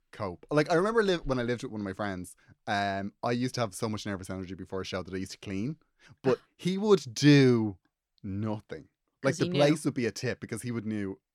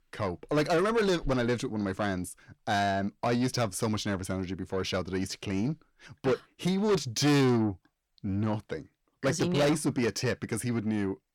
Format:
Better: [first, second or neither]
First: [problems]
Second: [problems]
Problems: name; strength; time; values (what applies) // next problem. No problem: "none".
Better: first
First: none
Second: distortion; heavy; 7 dB below the speech